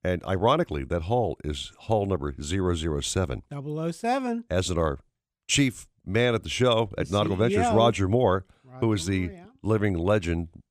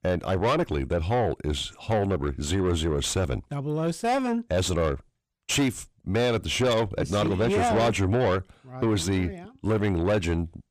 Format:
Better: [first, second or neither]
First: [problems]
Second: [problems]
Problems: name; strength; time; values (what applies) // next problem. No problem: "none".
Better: first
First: none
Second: distortion; heavy; 6 dB below the speech